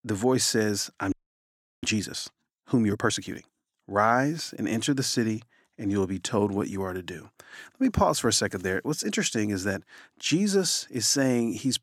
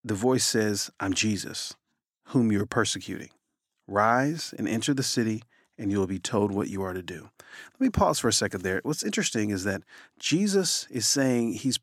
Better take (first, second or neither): second